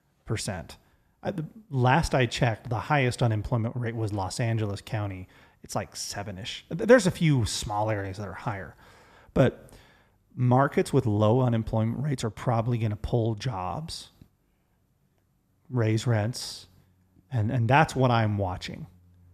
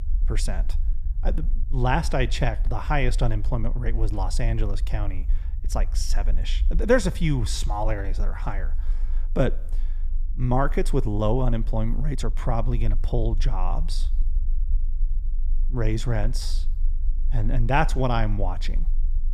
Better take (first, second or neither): first